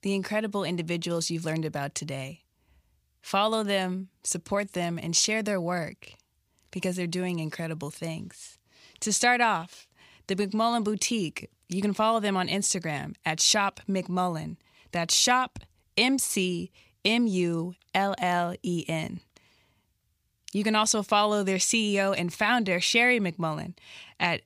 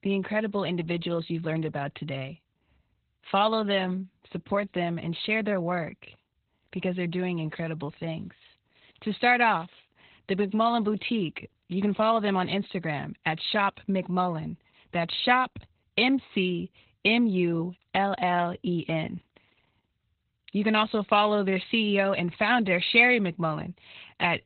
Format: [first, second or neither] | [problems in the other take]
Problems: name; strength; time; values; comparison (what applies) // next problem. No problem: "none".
first | garbled, watery; badly; nothing above 4 kHz